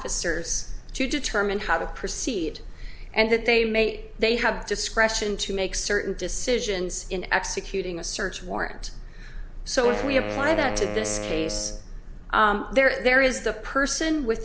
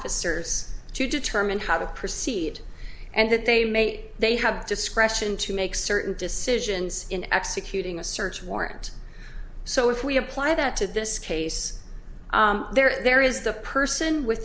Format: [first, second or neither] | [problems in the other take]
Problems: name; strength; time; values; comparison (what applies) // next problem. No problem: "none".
second | background sound (Wind instrument, woodwind instrument); 8 dB below the speech